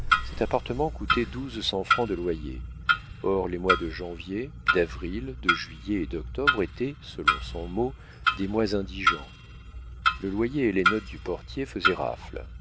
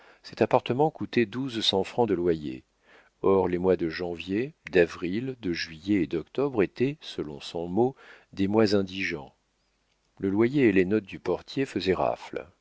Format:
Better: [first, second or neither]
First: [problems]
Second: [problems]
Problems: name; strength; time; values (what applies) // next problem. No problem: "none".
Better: second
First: background sound (Clock); as loud as the speech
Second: none